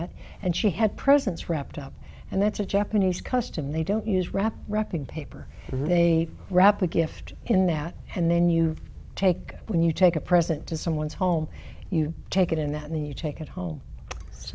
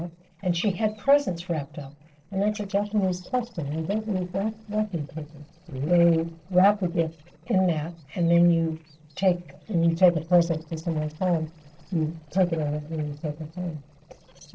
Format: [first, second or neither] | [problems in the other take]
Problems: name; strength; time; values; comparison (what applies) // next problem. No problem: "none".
first | noise reduction (neural separator model SepFormer DNS4)